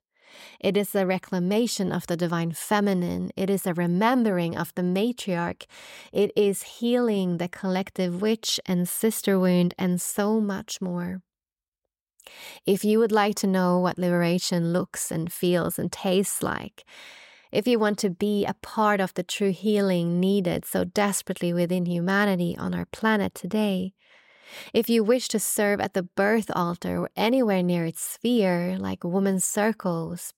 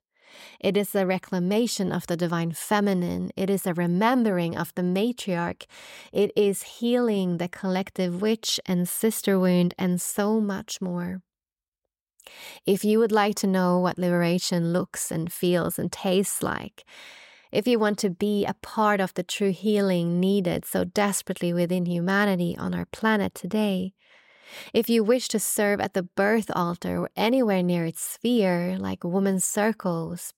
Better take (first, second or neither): neither